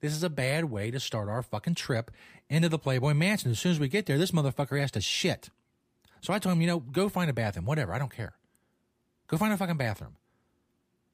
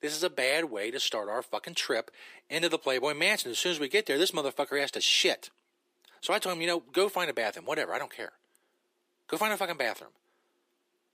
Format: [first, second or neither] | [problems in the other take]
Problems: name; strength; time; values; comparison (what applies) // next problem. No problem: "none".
first | thin; very; fading below 350 Hz